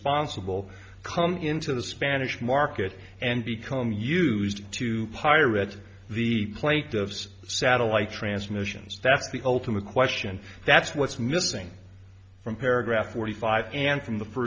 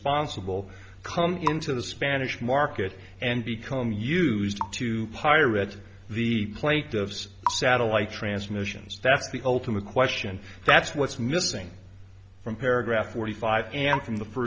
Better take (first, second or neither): first